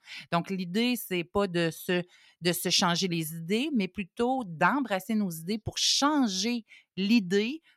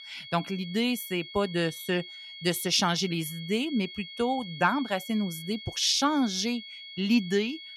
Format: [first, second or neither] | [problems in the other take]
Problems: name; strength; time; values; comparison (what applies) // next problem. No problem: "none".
first | high-pitched whine; noticeable; throughout; 3.5 kHz, 15 dB below the speech